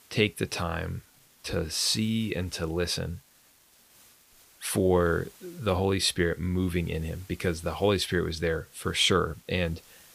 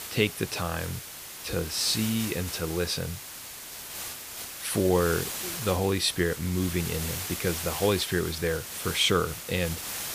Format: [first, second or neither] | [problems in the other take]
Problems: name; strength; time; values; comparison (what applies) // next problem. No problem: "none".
first | hiss; loud; throughout; 7 dB below the speech; faint in the first